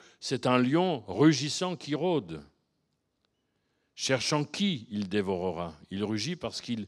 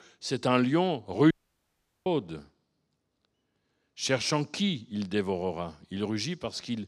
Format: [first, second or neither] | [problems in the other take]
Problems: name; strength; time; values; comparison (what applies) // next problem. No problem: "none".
first | audio cutting out; at 1.5 s for 1 s